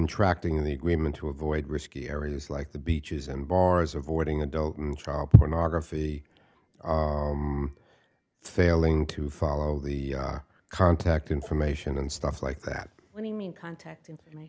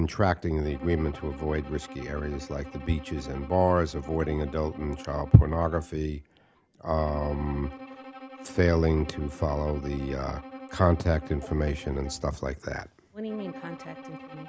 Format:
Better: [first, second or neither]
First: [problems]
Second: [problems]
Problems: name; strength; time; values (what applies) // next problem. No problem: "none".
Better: first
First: none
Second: background sound (Bowed string instrument); 16 dB below the speech